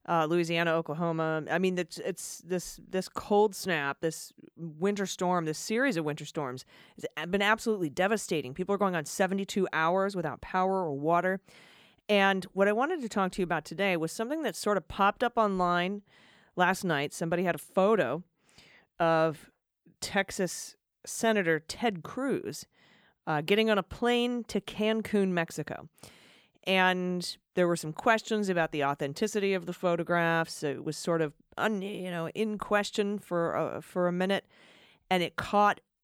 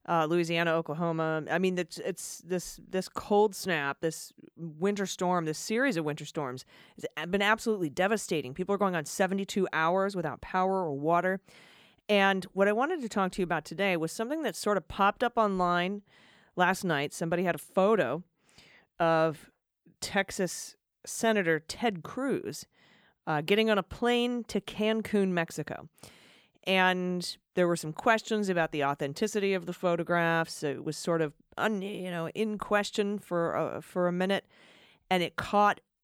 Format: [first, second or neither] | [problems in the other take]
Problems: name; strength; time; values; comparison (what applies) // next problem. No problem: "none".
neither | none